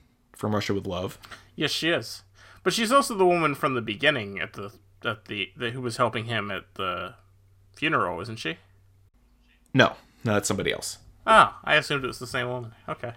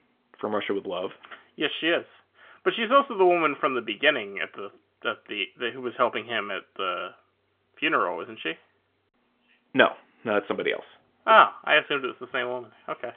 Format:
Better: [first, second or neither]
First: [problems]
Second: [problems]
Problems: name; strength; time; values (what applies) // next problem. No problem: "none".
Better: first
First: none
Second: phone-call audio; nothing above 3.5 kHz